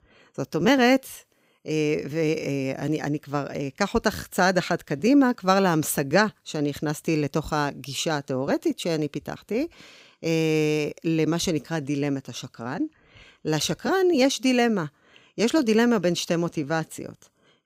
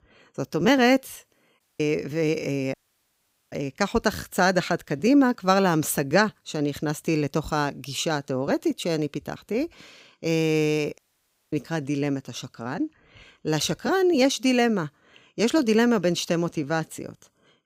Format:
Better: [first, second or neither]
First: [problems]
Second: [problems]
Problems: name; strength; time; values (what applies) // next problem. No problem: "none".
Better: first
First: none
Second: audio cutting out; at 1.5 s, at 2.5 s for 1 s and at 11 s for 0.5 s